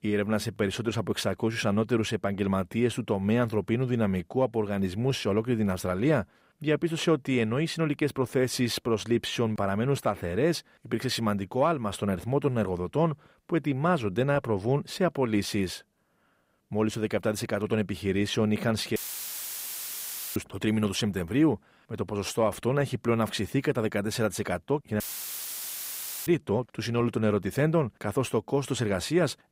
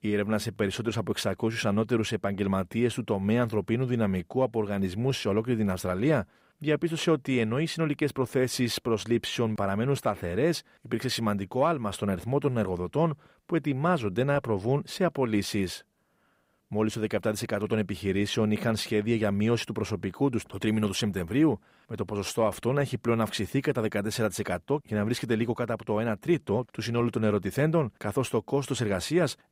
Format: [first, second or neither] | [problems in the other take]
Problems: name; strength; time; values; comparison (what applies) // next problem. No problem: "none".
second | audio cutting out; filled with static; at 19 s for 1.5 s and at 25 s for 1.5 s